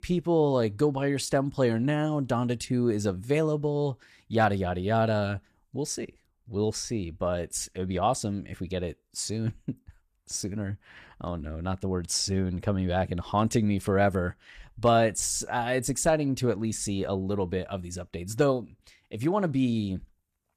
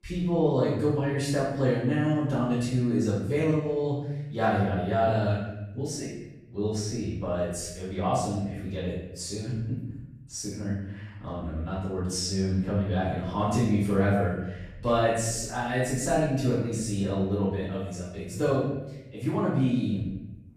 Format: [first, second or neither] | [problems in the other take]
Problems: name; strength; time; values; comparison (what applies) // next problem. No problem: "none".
first | off-mic speech; far // room echo; strong; dies away in 0.9 s